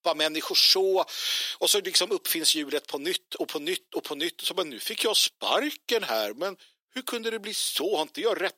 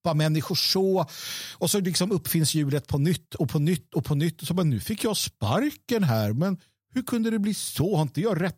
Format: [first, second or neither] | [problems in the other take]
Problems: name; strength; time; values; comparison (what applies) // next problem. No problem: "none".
second | thin; very; fading below 350 Hz